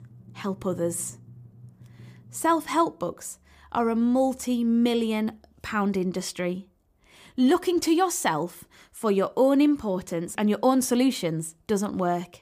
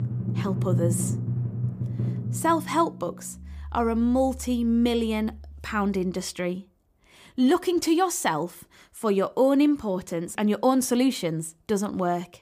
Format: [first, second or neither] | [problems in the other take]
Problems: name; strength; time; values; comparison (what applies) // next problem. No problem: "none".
first | background music; loud; until 6 s; 5 dB below the speech; faint in the first